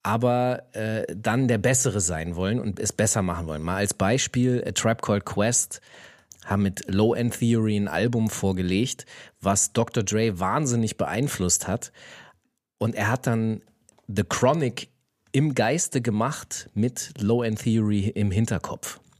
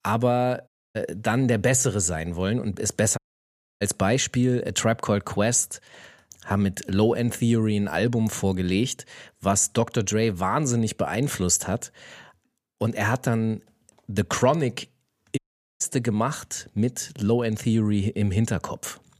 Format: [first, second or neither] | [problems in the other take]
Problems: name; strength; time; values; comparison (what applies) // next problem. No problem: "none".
first | audio cutting out; at 0.5 s, at 3 s for 0.5 s and at 15 s